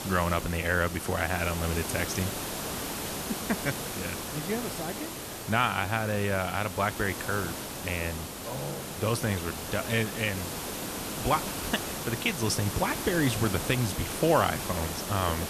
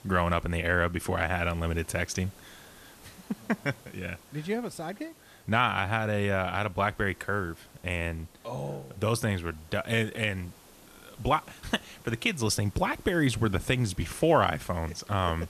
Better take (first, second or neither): second